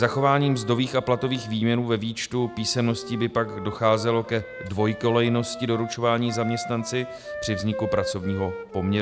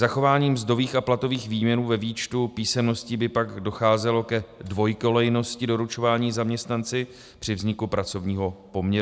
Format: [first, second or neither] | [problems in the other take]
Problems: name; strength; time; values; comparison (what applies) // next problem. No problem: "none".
second | background sound (Wind instrument, woodwind instrument); 12 dB below the speech